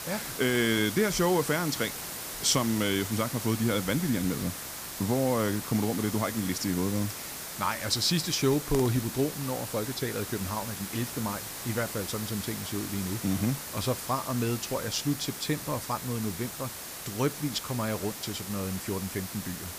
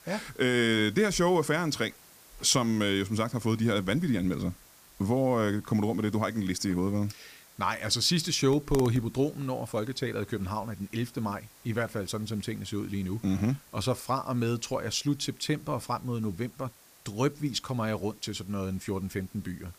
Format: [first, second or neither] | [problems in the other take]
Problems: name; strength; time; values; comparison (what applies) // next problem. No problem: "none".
second | hiss; loud; throughout; 6 dB below the speech; faint in the second